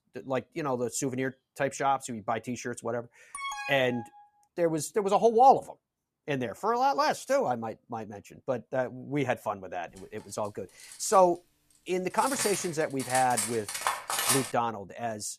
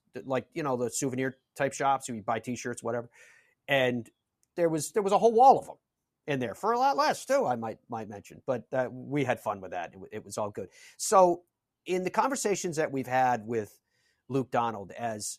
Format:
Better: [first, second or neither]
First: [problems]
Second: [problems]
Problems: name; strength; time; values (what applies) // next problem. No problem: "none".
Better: second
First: alarm; noticeable; at 3.5 s; peak 6 dB below the speech // clattering dishes; loud; from 12 to 14 s; peak 3 dB above the speech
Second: none